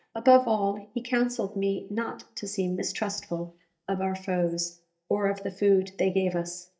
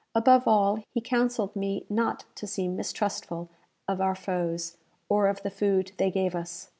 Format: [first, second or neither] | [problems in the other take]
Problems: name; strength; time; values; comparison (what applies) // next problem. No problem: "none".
second | noise reduction (neural mask model DeepFilterNet 3)